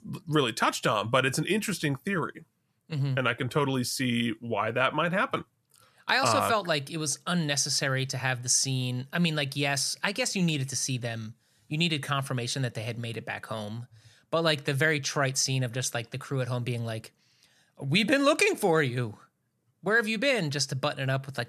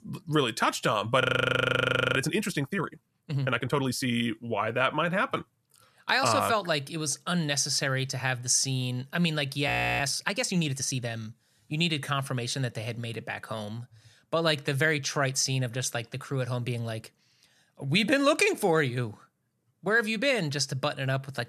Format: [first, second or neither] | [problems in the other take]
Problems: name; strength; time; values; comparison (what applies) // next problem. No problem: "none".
first | audio freezing; at 1 s for 1 s and at 9.5 s